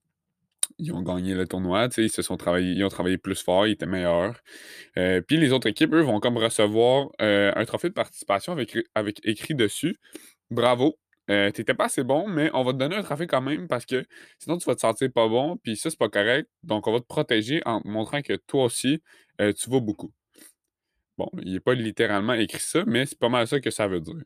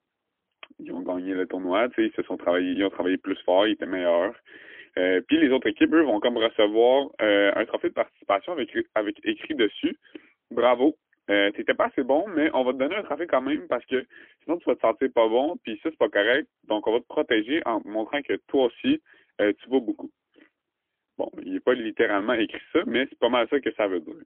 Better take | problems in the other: first | phone-call audio; poor line; nothing above 3.5 kHz

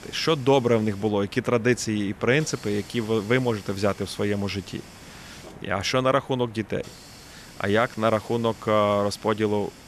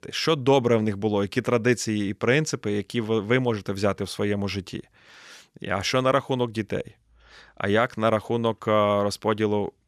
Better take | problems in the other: second | hiss; faint; throughout; 20 dB below the speech

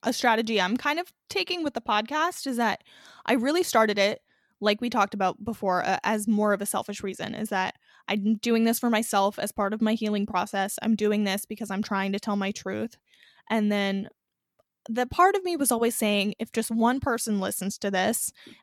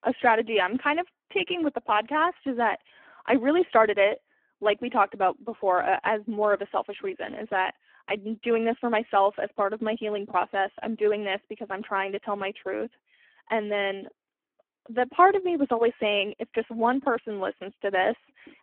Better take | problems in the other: first | phone-call audio; poor line

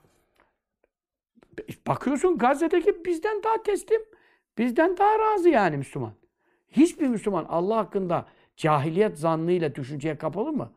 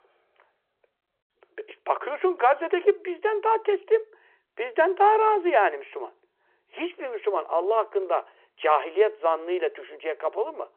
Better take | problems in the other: first | phone-call audio

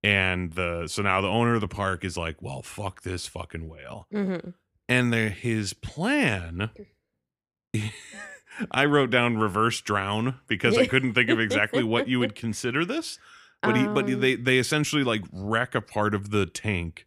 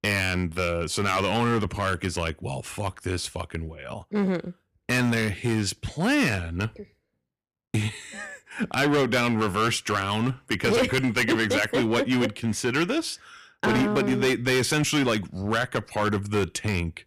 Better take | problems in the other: first | distortion; heavy; 8% of the sound clipped

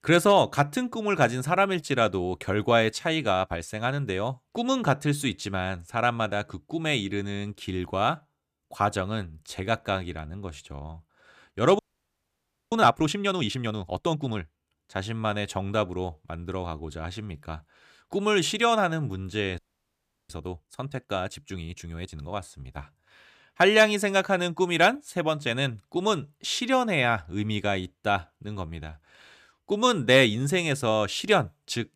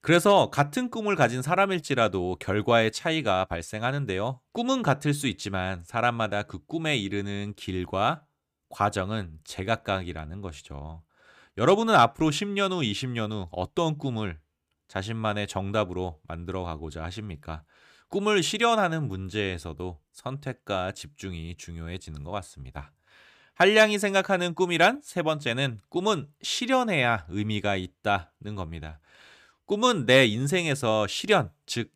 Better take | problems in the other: second | audio freezing; at 12 s for 1 s and at 20 s for 0.5 s

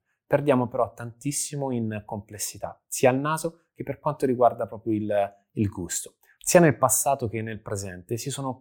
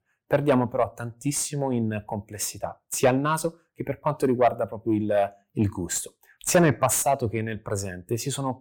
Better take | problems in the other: first | distortion; slight; 10 dB below the speech

